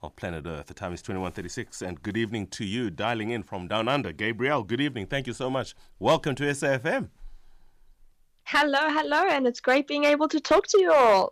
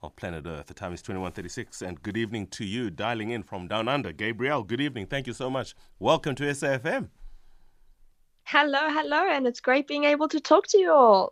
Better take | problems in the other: second | distortion; slight; 1.3% of the sound clipped

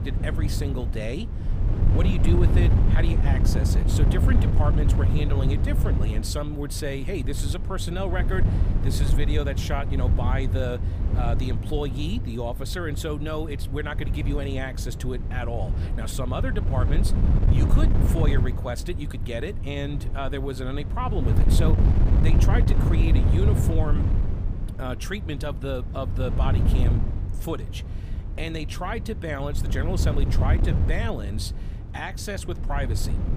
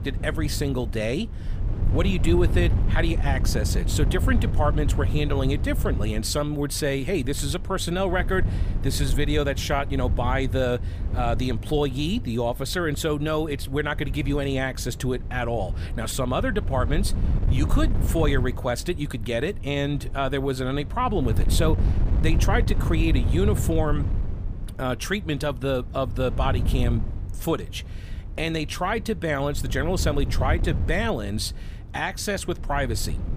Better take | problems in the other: second | wind noise on the microphone; heavy; 5 dB below the speech; occasional gusts in the second

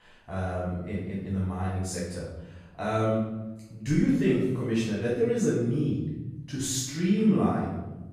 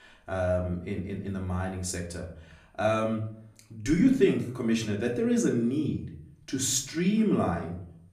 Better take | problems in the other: second | room echo; strong; dies away in 1.1 s; slight in the second // off-mic speech; far; far in the second

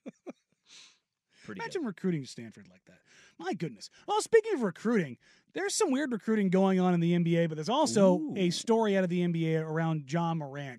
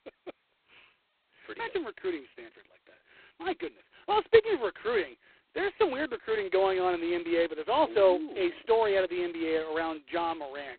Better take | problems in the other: first | phone-call audio; poor line; nothing above 4 kHz

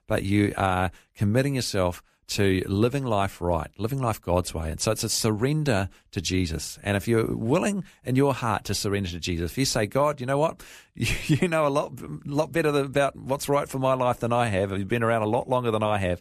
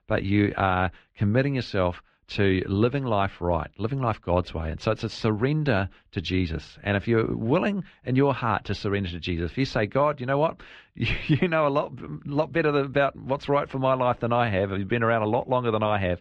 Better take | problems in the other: first | muffled; slightly; fading above 3.5 kHz

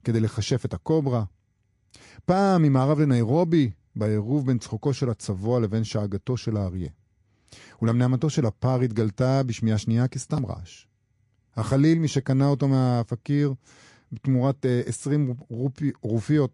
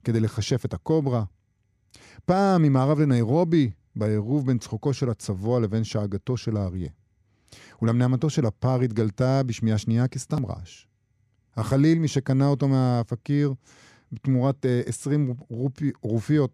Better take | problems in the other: second | garbled, watery; slightly

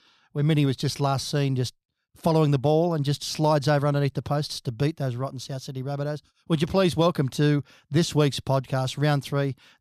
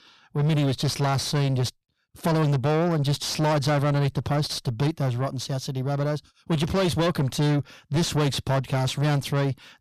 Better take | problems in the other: first | distortion; heavy; 6 dB below the speech

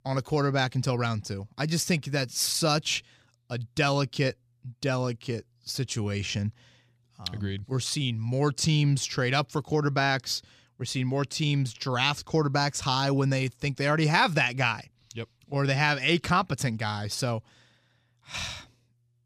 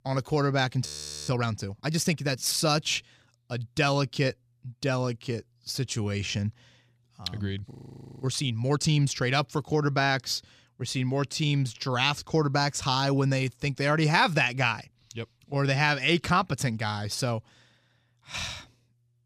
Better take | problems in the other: first | audio freezing; at 1 s and at 7.5 s for 0.5 s

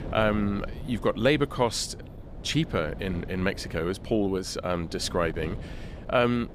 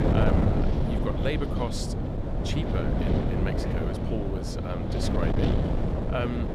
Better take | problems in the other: first | wind noise on the microphone; heavy; 2 dB above the speech; occasional gusts in the first

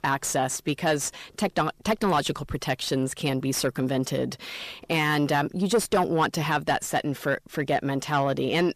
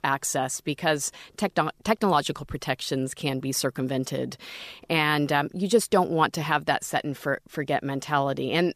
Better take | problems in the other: second | distortion; slight; 10 dB below the speech

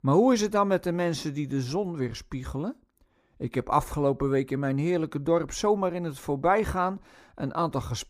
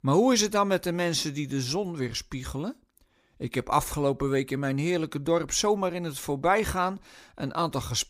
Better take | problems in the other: second | muffled; slightly; fading above 2 kHz

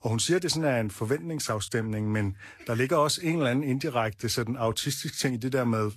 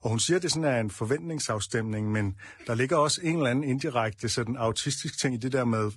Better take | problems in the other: first | garbled, watery; badly; nothing above 10 kHz; slightly in the first

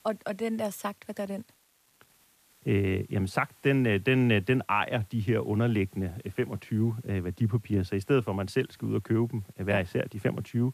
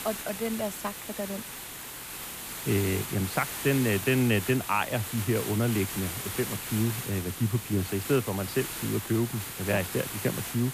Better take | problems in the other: first | hiss; loud; throughout; 6 dB below the speech; faint in the first

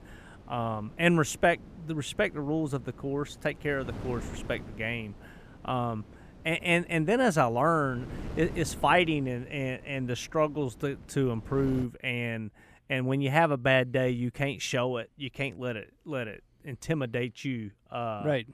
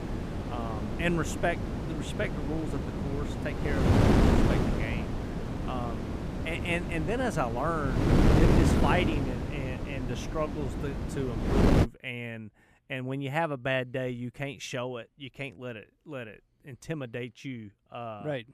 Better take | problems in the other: first | wind noise on the microphone; heavy; until 12 s; as loud as the speech; occasional gusts in the first

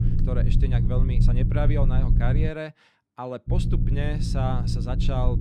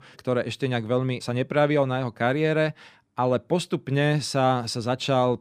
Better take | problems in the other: second | low rumble; loud; until 2.5 s and from 3.5 s on; 3 dB below the speech

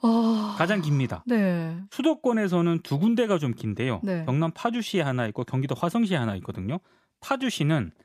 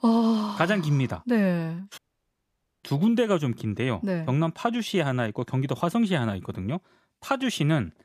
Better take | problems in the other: first | audio cutting out; at 2 s for 1 s

